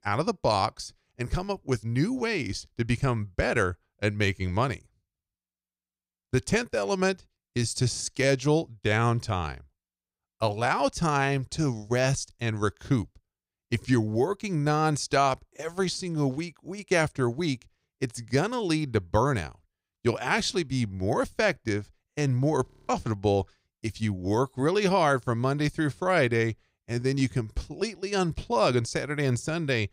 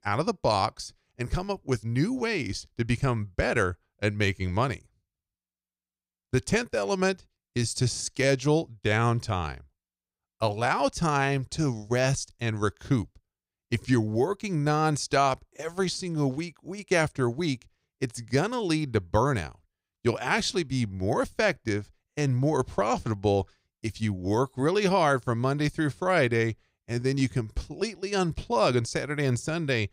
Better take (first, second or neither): second